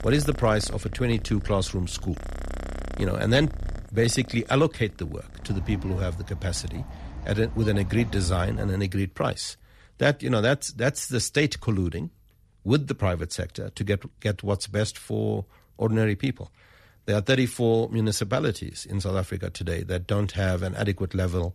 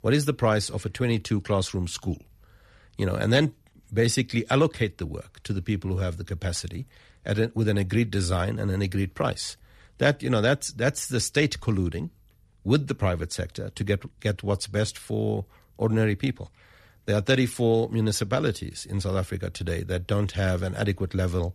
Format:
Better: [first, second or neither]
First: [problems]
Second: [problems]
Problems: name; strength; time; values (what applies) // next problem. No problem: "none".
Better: second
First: animal sounds; noticeable; until 9 s; 10 dB below the speech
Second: none